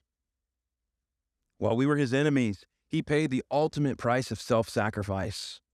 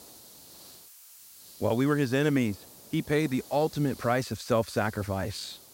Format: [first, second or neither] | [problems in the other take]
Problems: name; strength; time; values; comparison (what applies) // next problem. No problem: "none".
first | hiss; noticeable; throughout; 20 dB below the speech